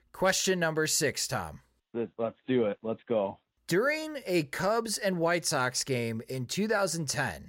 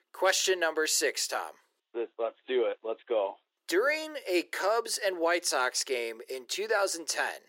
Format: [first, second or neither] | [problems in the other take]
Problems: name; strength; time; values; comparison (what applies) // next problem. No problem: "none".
first | thin; very; fading below 350 Hz